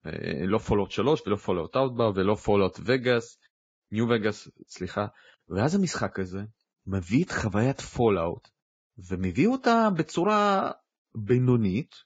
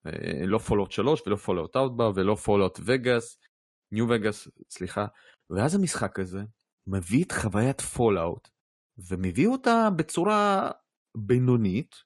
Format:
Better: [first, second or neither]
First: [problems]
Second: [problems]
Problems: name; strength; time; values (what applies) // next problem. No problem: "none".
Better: second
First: garbled, watery; badly; nothing above 7.5 kHz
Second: garbled, watery; slightly; nothing above 10.5 kHz